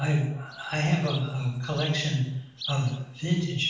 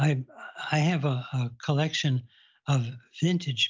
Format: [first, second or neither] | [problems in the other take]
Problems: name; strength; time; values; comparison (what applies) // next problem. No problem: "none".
second | background sound (Insect); 16 dB below the speech // room echo; dies away in 0.7 s